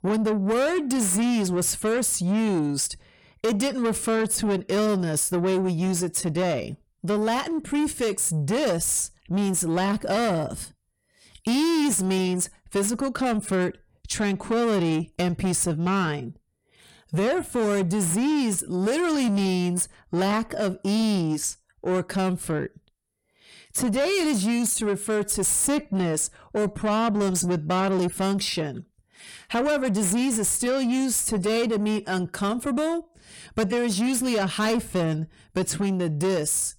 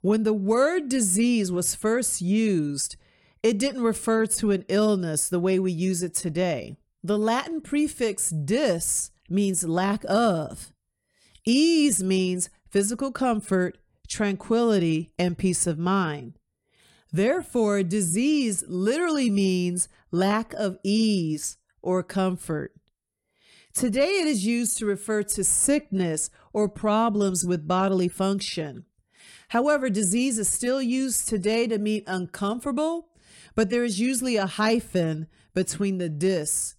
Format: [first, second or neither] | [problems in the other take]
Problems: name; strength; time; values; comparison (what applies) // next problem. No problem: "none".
second | distortion; slight; 10 dB below the speech